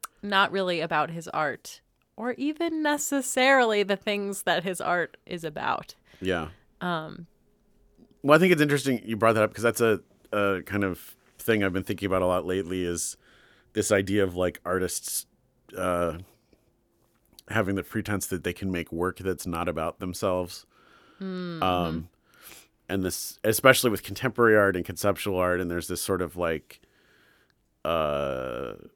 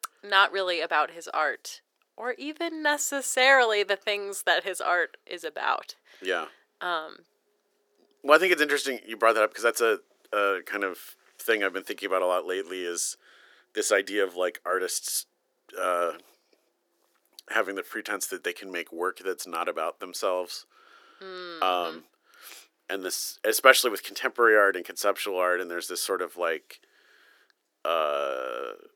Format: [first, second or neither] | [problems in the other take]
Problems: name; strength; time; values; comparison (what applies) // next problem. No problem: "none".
first | thin; very; fading below 350 Hz